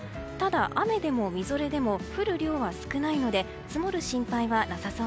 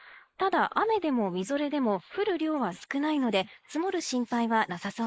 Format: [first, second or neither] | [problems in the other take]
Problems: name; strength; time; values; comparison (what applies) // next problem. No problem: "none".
first | noise reduction (neural mask model Resemble Enhance denoiser)